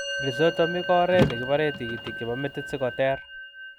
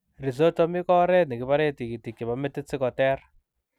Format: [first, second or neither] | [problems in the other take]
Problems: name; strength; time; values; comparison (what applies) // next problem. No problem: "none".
second | background sound (Musical instrument + Car); 5 dB below the speech